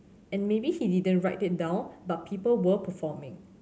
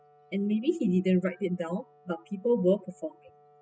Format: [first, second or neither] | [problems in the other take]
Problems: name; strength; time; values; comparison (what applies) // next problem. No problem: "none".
first | noise reduction (classical method spectral subtraction)